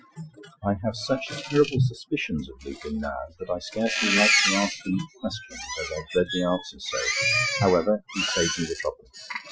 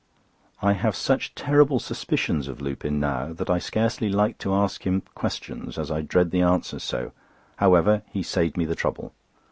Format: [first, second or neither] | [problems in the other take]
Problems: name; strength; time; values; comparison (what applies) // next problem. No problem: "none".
second | noise reduction (classical method Wiener filter)